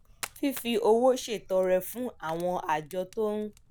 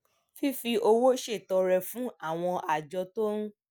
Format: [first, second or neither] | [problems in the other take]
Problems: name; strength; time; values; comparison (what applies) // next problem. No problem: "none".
second | background sound (Fire); 20 dB below the speech